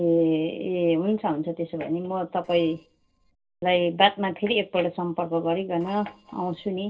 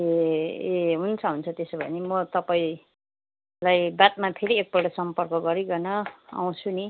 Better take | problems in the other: second | noise reduction (neural separator model SepFormer DNS4)

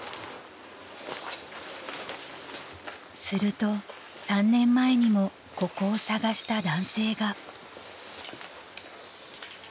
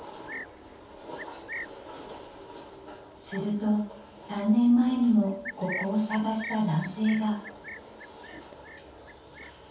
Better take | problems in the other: first | background sound (Cricket); 15 dB below the speech // room echo; dies away in 0.6 s

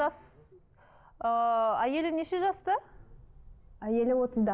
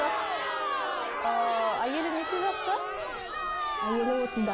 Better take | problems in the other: first | background sound (Crowd); as loud as the speech

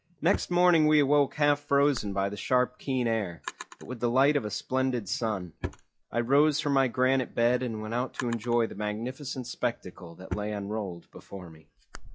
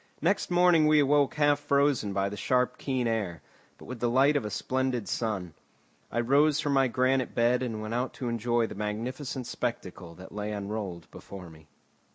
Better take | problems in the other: second | noise reduction (classical method log-MMSE)

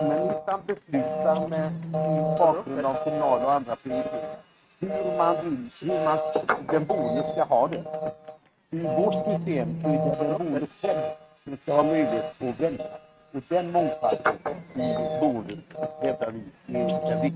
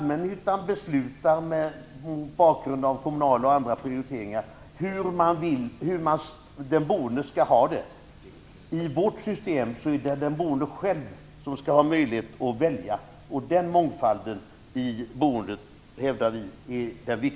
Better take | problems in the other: second | noise reduction (neural mask model RNNoise)

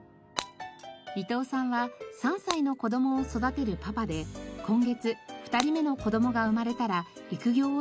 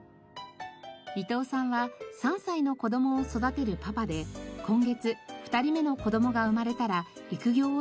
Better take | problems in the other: second | background sound (Shatter); 15 dB below the speech

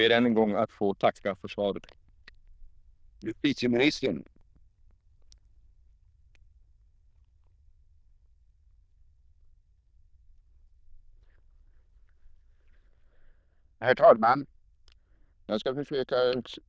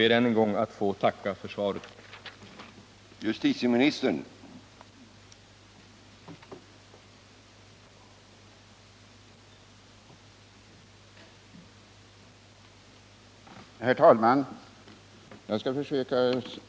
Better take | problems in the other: second | noise reduction (neural diffusion model UNIVERSE++)

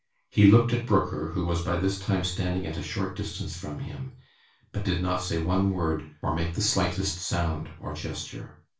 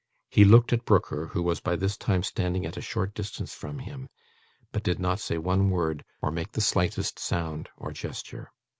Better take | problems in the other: second | room echo; dies away in 0.3 s

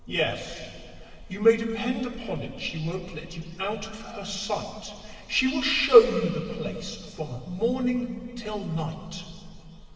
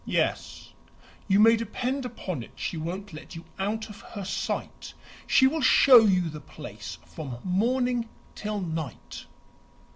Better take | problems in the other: second | room echo; dies away in 2.3 s

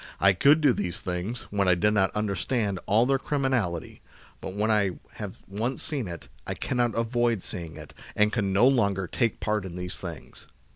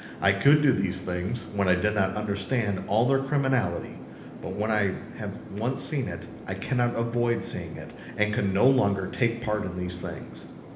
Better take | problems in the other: first | background sound (Fixed-wing aircraft, airplane); 14 dB below the speech // room echo; dies away in 1 s

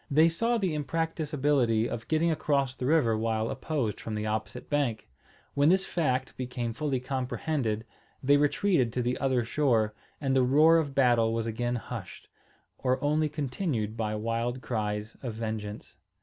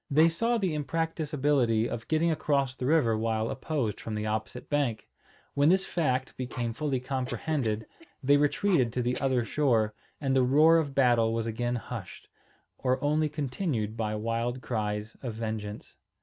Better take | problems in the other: first | noise reduction (neural mask model RNNoise)

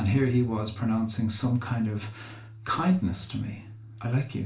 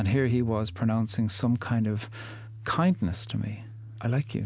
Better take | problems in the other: second | room echo; dies away in 0.3 s

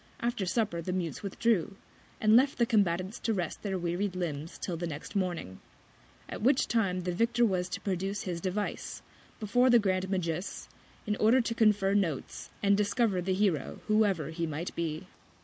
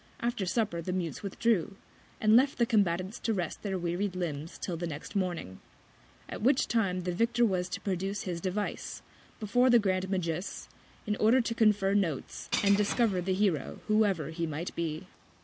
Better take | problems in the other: first | background sound (Shatter / Crushing); 12 dB below the speech

